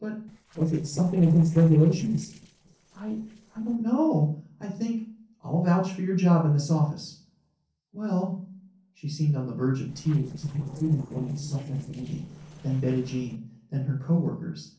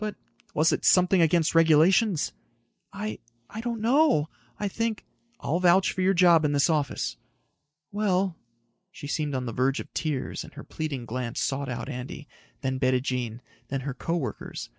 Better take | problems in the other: second | noise reduction (neural separator model SepFormer DNS4)

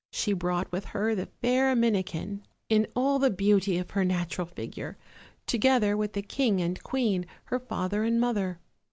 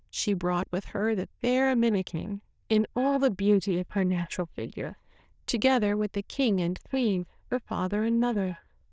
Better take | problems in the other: first | noise reduction (neural diffusion model UNIVERSE++)

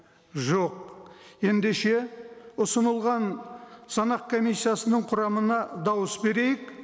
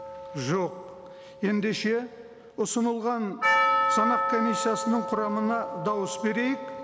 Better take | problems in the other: first | background sound (Percussion); 1 dB below the speech

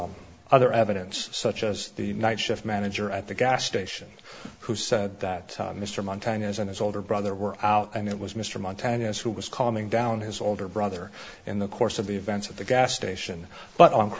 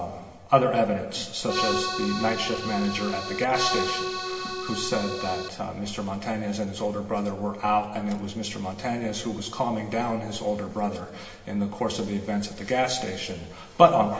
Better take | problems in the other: first | background sound (Accordion); 3 dB below the speech // room echo; dies away in 2.2 s

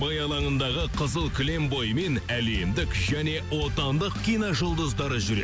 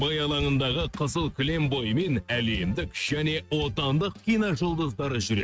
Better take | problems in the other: first | noise reduction (neural mask model RNNoise)

